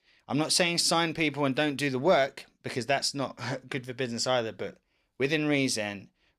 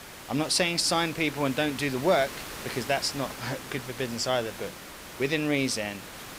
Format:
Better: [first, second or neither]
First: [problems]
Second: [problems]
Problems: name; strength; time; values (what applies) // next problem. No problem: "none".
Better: first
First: none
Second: hiss; noticeable; throughout; 10 dB below the speech